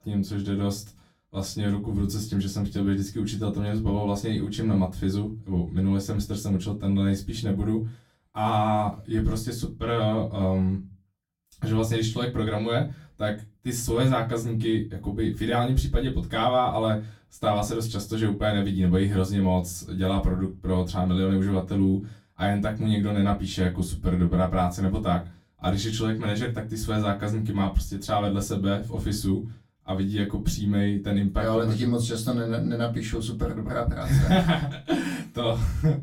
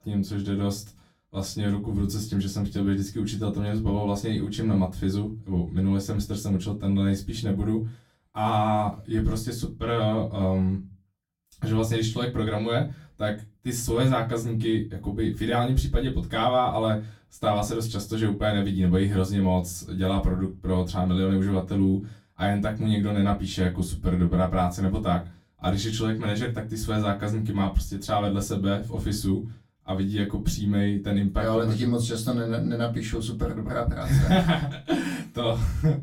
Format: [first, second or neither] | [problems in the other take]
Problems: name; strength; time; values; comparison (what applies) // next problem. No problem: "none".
neither | off-mic speech; far; the same in both // room echo; very slight; dies away in 0.2 s; the same in both